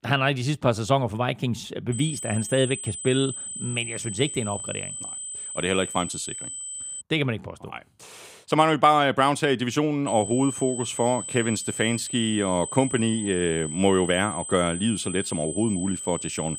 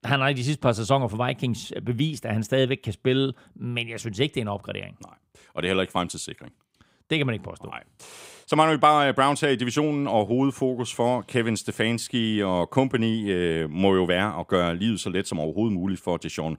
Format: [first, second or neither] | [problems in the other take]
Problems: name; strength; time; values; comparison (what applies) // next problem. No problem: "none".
second | high-pitched whine; loud; from 2 to 7 s and from 10 s on; 8 kHz, 8 dB below the speech